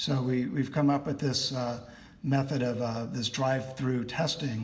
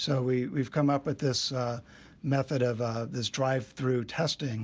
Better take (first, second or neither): second